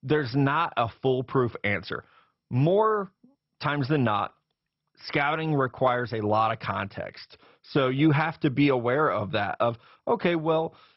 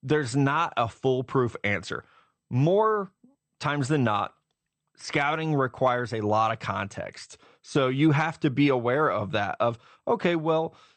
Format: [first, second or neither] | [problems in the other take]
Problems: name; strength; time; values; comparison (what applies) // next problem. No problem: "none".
second | garbled, watery; badly; nothing above 5.5 kHz; slightly in the second